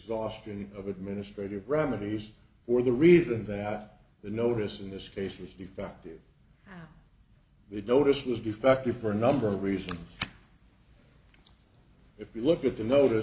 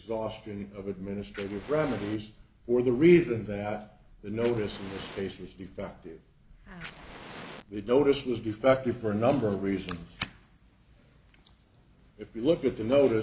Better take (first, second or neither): first